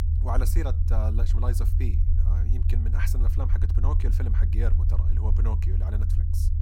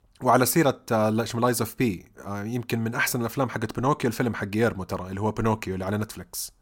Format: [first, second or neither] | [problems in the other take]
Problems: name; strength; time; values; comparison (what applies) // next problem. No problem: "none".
second | low rumble; loud; throughout; 4 dB below the speech